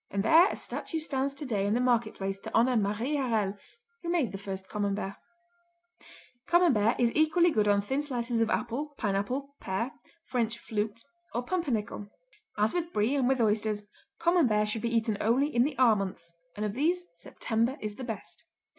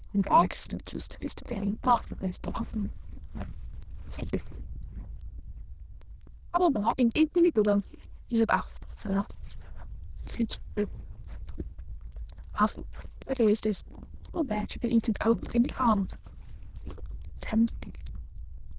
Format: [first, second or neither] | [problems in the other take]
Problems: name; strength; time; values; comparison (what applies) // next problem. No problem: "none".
first | noise reduction (neural diffusion model UNIVERSE++)